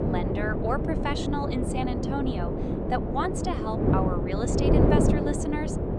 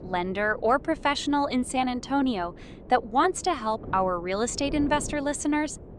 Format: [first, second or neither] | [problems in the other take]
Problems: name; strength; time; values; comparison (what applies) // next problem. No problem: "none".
second | wind noise on the microphone; heavy; 1 dB above the speech; occasional gusts in the second